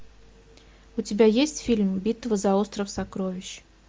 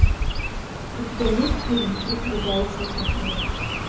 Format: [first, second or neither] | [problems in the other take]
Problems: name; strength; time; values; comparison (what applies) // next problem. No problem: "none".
first | background sound (Chirp, tweet); 3 dB above the speech // room echo; dies away in 0.6 s